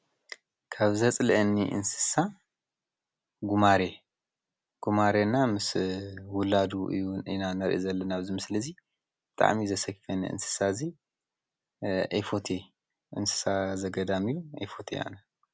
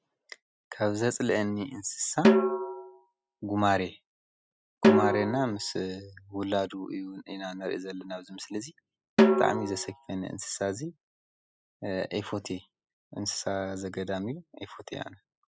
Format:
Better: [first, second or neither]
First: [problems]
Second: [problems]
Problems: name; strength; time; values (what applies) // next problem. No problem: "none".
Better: first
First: none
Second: noise reduction (classical method spectral subtraction)